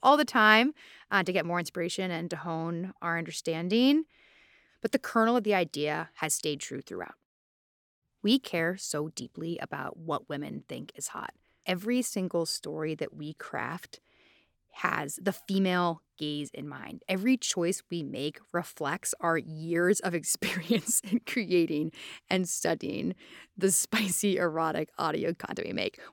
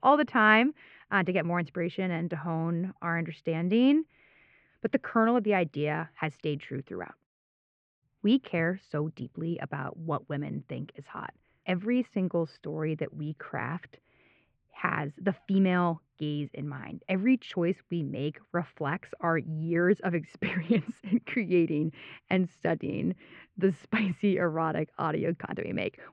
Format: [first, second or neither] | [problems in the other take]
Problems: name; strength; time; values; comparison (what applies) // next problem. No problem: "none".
first | muffled; very; fading above 2.5 kHz